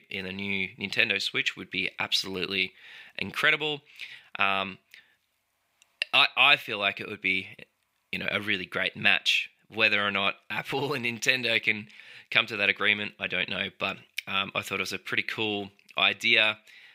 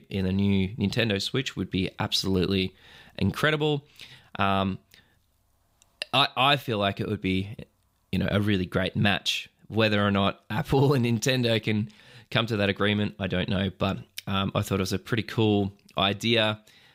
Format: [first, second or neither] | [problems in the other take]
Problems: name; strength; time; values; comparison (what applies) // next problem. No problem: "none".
second | thin; somewhat; fading below 1 kHz